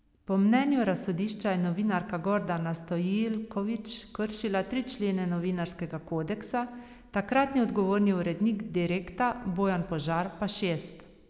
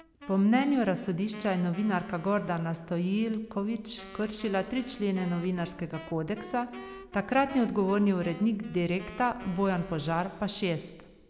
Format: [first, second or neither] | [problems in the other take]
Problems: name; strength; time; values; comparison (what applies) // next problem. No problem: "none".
first | background sound (Wind instrument, woodwind instrument); 19 dB below the speech